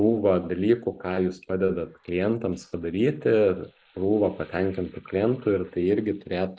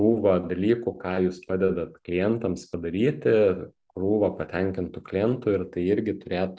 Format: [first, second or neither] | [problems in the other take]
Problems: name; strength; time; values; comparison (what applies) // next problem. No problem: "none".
second | noise reduction (neural mask model Resemble Enhance denoiser)